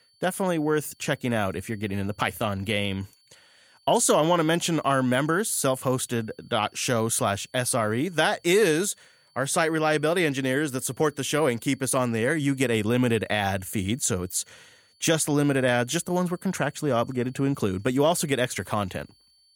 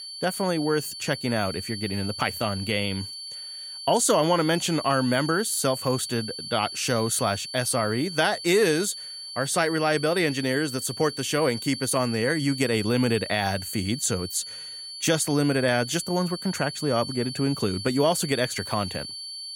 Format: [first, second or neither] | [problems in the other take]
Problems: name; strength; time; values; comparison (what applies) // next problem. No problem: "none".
first | high-pitched whine; loud; throughout; 4.5 kHz, 9 dB below the speech; faint in the first